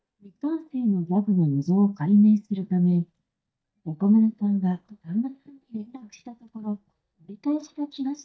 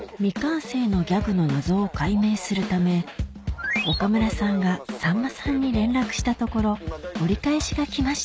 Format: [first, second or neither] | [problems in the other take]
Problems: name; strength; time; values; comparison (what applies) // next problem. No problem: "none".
second | noise reduction (neural mask model DeepFilterNet 3)